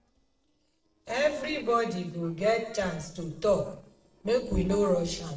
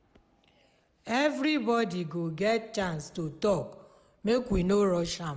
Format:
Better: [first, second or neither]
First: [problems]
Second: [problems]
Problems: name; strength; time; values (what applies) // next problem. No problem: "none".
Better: second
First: noise reduction (neural separator model SepFormer DNS4)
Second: none